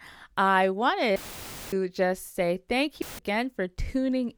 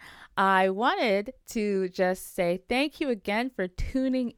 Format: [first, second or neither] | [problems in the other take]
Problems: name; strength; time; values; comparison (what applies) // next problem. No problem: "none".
second | audio cutting out; filled with static; at 1 s for 0.5 s and at 3 s